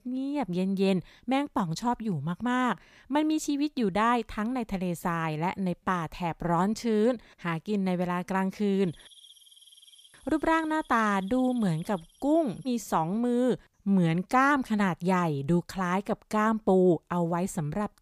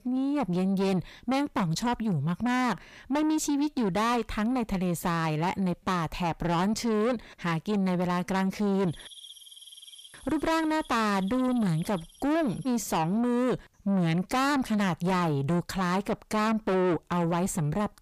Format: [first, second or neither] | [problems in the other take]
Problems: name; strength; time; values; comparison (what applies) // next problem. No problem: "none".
first | distortion; heavy; 7 dB below the speech